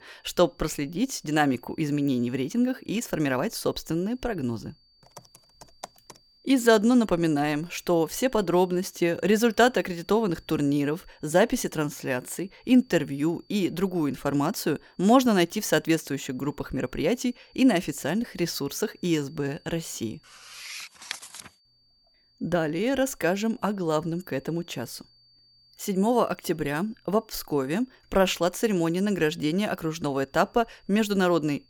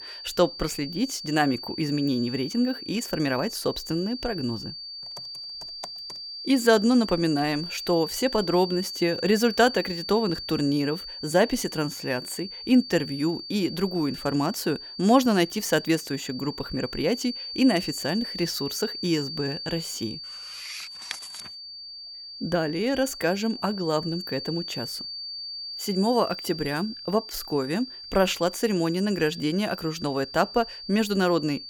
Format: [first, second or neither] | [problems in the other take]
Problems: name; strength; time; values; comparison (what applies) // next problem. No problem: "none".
first | high-pitched whine; loud; throughout; 4.5 kHz, 9 dB below the speech; faint in the first